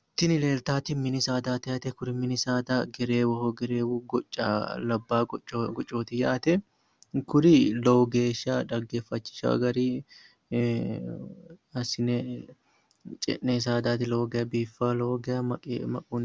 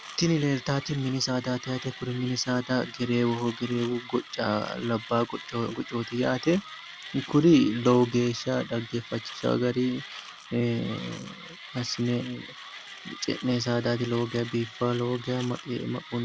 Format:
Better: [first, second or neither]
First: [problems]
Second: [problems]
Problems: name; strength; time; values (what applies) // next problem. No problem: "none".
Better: first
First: none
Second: background sound (Mechanisms); 15 dB below the speech